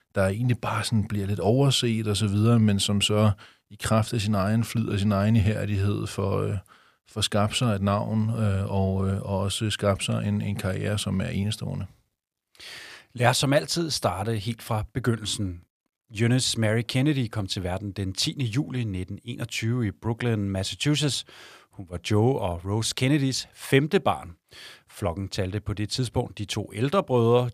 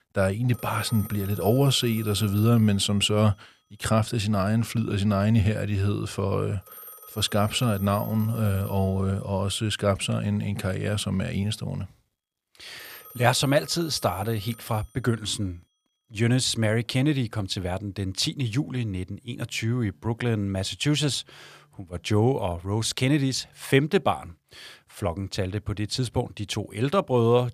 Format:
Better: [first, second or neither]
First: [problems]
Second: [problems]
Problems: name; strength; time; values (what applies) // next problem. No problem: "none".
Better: first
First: none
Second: alarms or sirens; noticeable; throughout; 20 dB below the speech